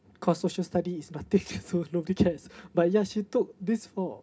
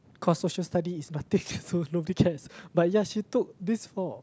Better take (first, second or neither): second